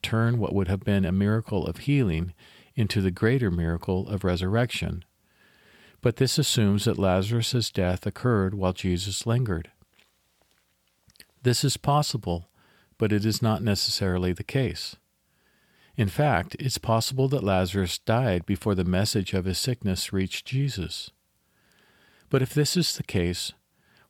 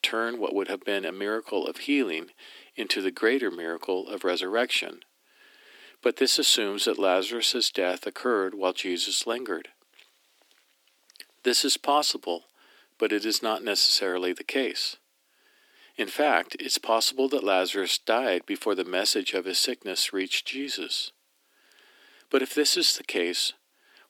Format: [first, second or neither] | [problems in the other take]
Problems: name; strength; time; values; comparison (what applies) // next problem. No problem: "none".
first | thin; somewhat; fading below 250 Hz